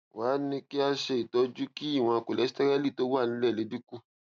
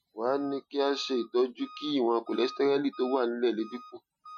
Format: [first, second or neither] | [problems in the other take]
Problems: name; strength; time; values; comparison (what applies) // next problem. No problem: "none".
first | noise reduction (classical method Wiener filter)